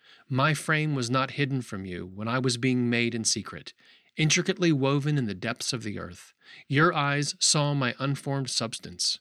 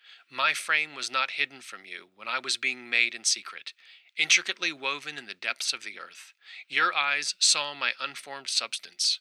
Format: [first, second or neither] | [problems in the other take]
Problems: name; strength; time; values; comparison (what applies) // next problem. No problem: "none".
first | thin; very; fading below 850 Hz